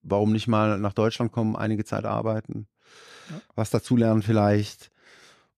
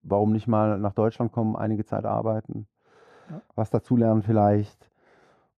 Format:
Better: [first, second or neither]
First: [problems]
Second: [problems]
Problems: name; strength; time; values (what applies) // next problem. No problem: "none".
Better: first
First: none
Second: muffled; very; fading above 1.5 kHz